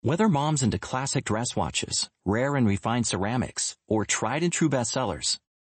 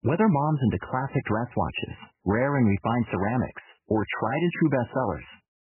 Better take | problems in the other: first | garbled, watery; badly; nothing above 3 kHz; slightly in the first

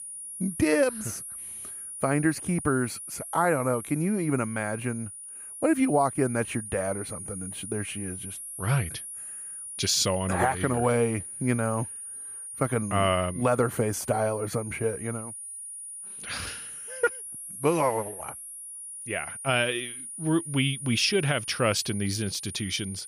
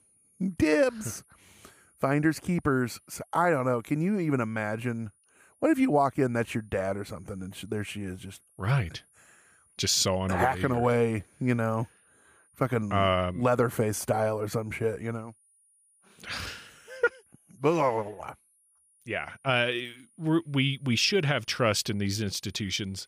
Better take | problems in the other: second | high-pitched whine; loud; throughout; 9.5 kHz, 9 dB below the speech; faint in the second

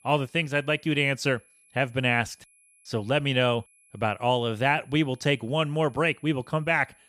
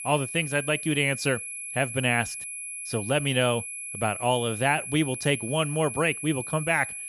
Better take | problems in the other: first | high-pitched whine; loud; throughout; 11 kHz, 7 dB below the speech; faint in the first

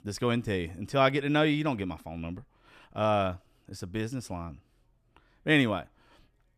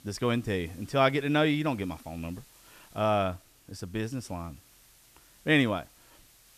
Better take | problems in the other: first | hiss; faint; throughout; 25 dB below the speech

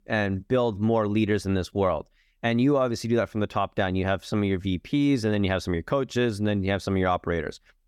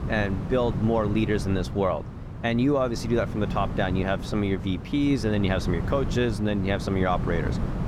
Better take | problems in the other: first | wind noise on the microphone; occasional gusts; 10 dB below the speech

